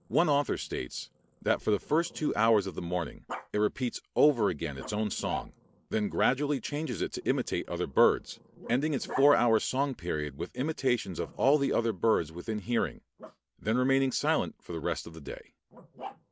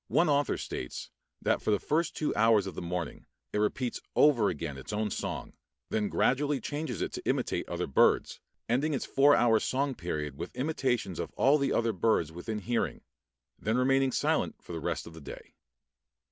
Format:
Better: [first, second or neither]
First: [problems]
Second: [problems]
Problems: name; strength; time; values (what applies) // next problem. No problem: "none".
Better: second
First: background sound (Growling); 19 dB below the speech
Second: none